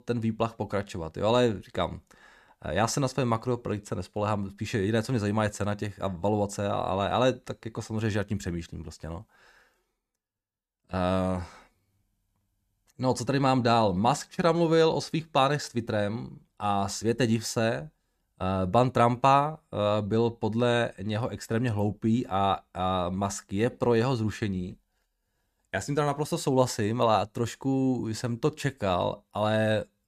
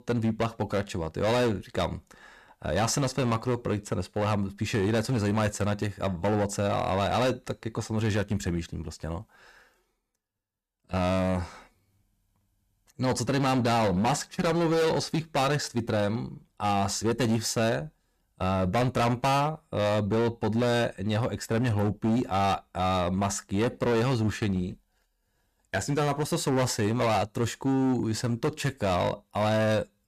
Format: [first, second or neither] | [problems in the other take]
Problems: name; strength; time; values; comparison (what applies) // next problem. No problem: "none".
first | distortion; heavy; 14% of the sound clipped